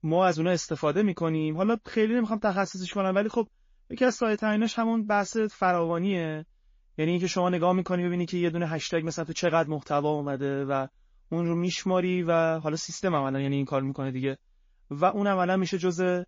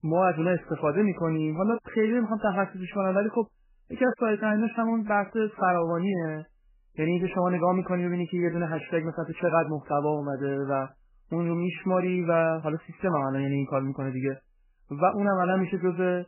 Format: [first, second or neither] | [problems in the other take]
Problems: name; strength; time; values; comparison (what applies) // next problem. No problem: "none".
first | garbled, watery; badly; nothing above 3 kHz; slightly in the first